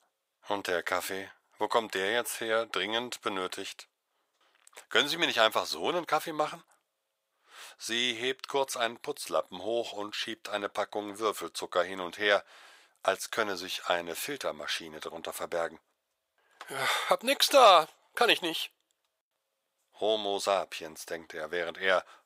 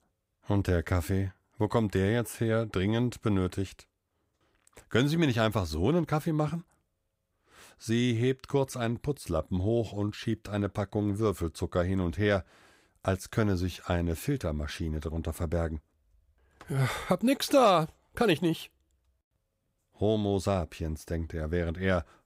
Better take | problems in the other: second | thin; very; fading below 750 Hz

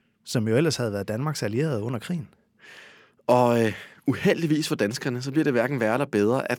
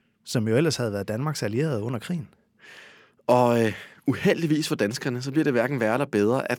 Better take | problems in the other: neither | none

